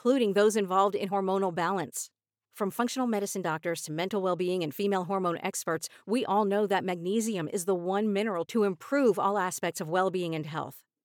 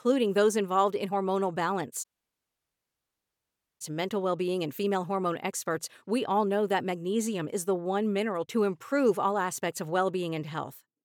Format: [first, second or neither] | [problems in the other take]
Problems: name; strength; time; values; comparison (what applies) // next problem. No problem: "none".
first | audio cutting out; at 2 s for 2 s